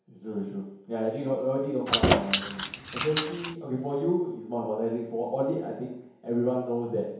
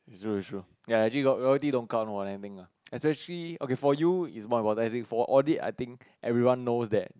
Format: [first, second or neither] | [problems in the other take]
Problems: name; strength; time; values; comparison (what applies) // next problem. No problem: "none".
second | background sound (Keys jangling); 2 dB above the speech // room echo; dies away in 1 s